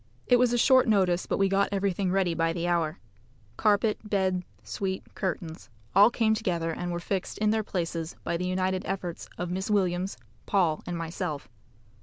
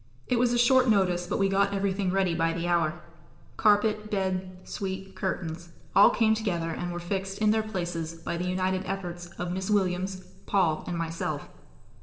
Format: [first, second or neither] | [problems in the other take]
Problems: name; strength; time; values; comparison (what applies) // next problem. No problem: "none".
first | room echo; dies away in 1.1 s